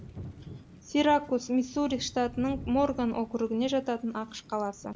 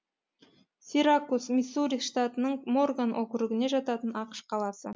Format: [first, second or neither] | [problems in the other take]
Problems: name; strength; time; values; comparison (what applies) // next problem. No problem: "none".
second | background sound (Thunder / Rain); 16 dB below the speech